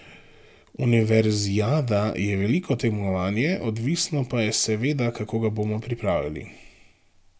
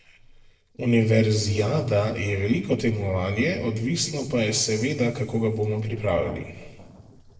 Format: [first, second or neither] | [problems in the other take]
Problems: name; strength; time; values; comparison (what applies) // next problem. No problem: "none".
first | noise reduction (neural separator model SepFormer DNS4)